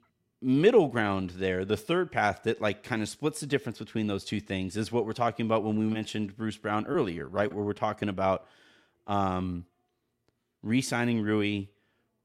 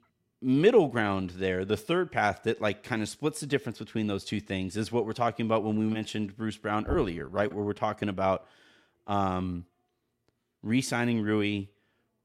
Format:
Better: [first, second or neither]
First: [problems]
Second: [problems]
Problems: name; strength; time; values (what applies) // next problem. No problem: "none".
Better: first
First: none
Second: door banging; noticeable; at 7 s; peak 9 dB below the speech